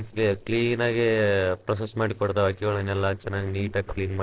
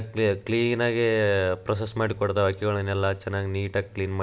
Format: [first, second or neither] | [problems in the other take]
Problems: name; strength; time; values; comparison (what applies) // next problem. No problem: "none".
second | noise reduction (neural separator model SepFormer DNS4)